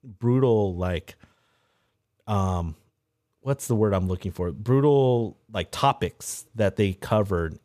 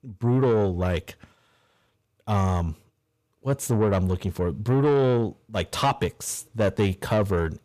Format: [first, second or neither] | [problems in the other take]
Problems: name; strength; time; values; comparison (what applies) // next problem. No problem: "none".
first | distortion; slight; 10 dB below the speech